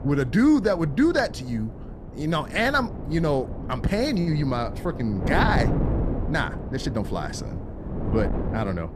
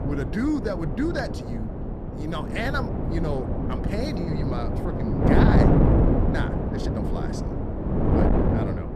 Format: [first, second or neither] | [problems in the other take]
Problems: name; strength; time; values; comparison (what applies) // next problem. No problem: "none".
first | wind noise on the microphone; heavy; 2 dB above the speech; occasional gusts in the first